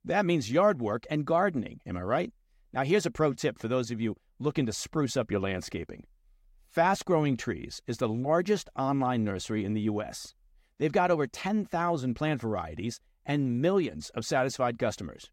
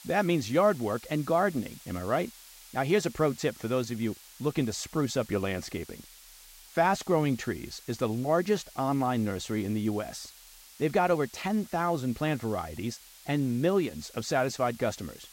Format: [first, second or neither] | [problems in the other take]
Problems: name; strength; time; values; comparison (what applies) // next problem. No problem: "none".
first | hiss; noticeable; throughout; 20 dB below the speech